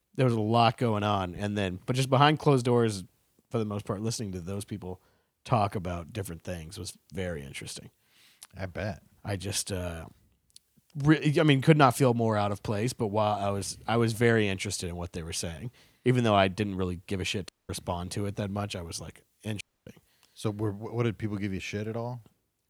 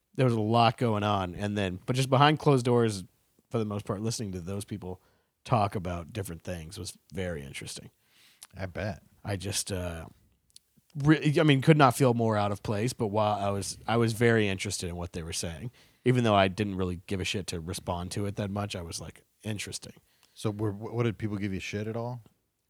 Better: second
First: audio cutting out; at 17 s and at 20 s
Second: none

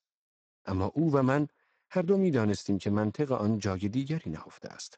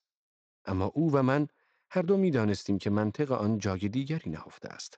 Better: second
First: garbled, watery; badly; nothing above 8 kHz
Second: garbled, watery; slightly; nothing above 7.5 kHz

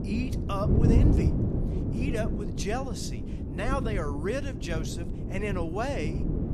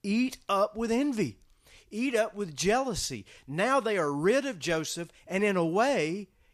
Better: second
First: wind noise on the microphone; heavy; 3 dB below the speech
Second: none

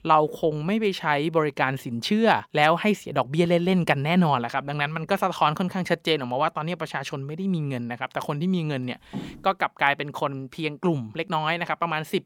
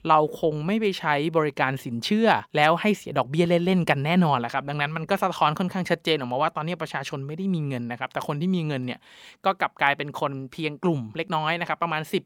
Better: second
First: footsteps; faint; at 9 s; peak 10 dB below the speech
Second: none

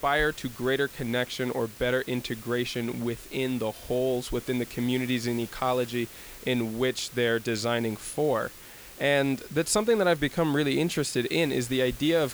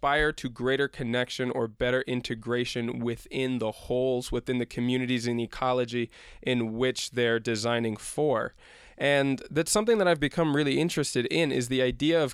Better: second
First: hiss; noticeable; throughout; 15 dB below the speech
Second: none

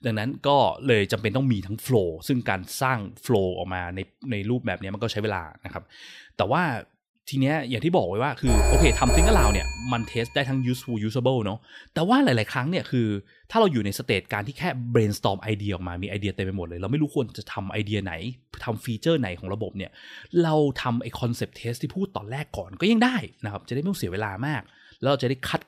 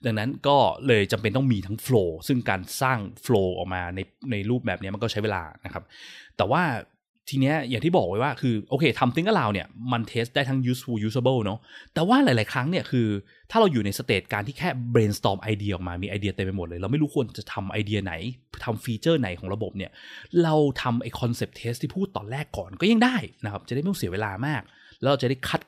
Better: second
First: phone ringing; loud; from 8.5 to 9.5 s; peak 5 dB above the speech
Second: none

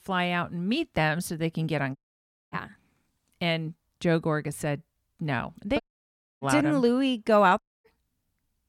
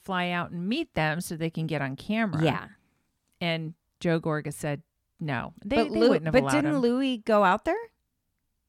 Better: second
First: audio cutting out; at 2 s for 0.5 s, at 6 s for 0.5 s and at 7.5 s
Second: none

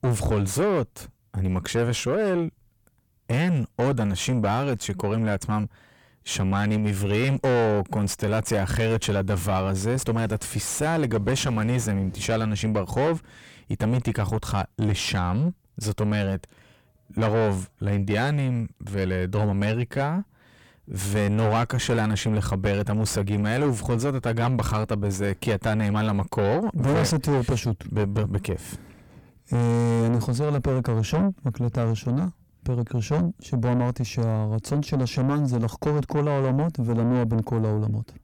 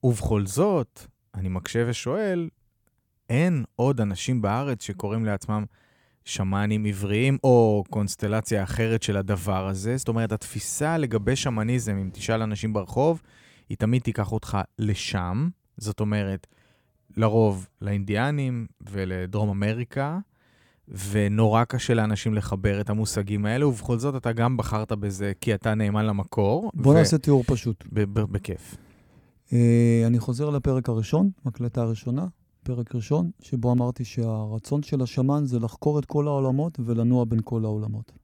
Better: second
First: distortion; heavy; 5 dB below the speech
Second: none

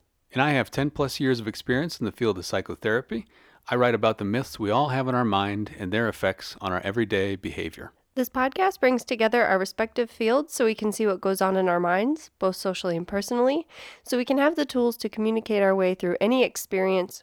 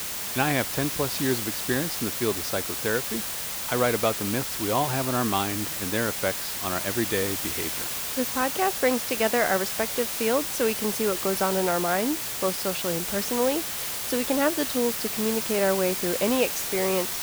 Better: first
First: none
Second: hiss; loud; throughout; 1 dB below the speech

